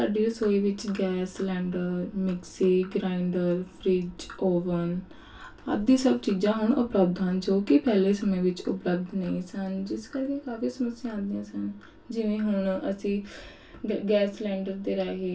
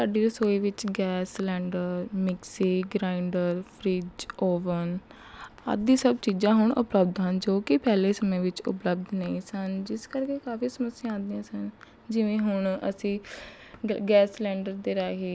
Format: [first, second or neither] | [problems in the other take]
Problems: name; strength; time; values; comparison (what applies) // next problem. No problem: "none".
second | room echo; dies away in 0.2 s